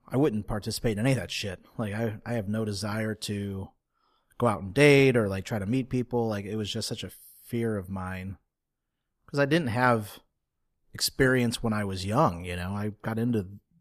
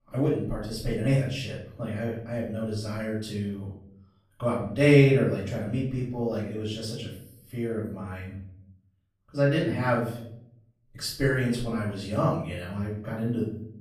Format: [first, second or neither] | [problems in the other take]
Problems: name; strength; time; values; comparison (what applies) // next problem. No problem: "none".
first | off-mic speech; far // room echo; noticeable; dies away in 0.7 s